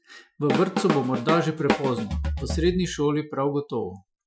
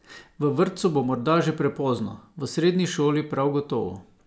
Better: second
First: noise reduction (classical method Wiener filter)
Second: none

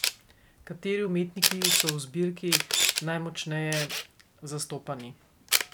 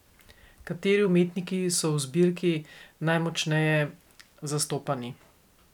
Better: second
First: background sound (Camera); 2 dB above the speech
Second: none

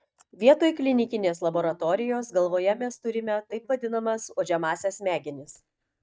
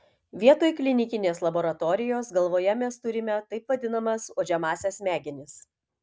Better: second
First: noise reduction (neural mask model DeepFilterNet 3)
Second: none

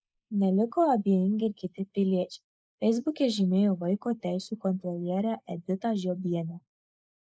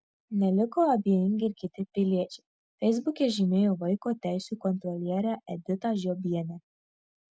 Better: second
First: noise reduction (neural mask model Resemble Enhance denoiser)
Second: none

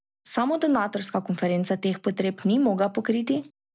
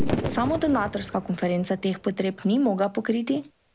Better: first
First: none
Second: background sound (Fireworks); 7 dB below the speech

